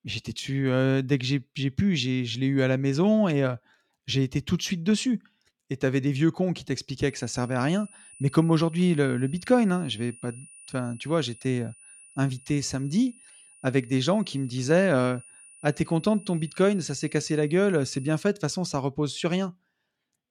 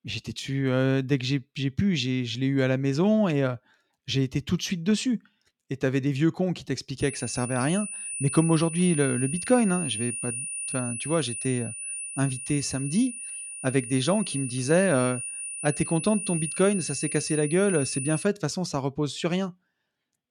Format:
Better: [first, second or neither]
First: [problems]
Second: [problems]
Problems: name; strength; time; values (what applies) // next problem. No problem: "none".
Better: first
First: high-pitched whine; faint; from 7 to 18 s; 9.5 kHz, 20 dB below the speech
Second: high-pitched whine; loud; from 7 to 18 s; 9.5 kHz, 6 dB below the speech